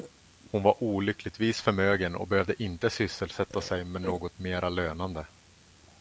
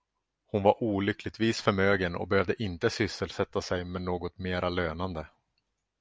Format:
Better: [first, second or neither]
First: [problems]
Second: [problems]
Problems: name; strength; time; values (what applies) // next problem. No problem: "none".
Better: second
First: background sound (Burping, eructation); 19 dB below the speech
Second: none